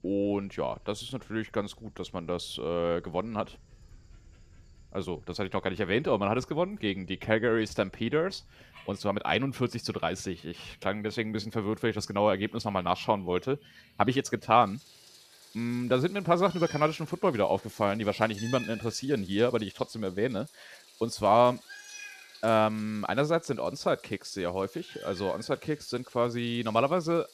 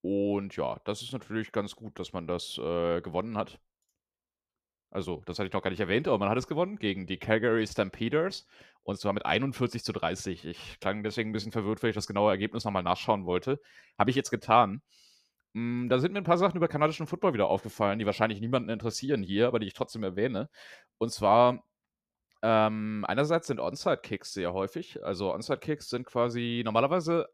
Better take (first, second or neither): second